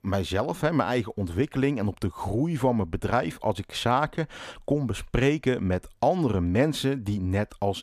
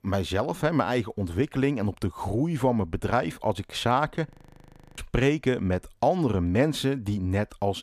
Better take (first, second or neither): first